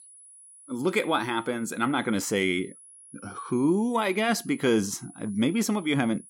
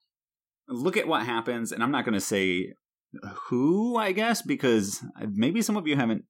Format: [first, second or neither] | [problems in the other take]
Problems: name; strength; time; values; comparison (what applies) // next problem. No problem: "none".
second | high-pitched whine; faint; throughout; 10.5 kHz, 20 dB below the speech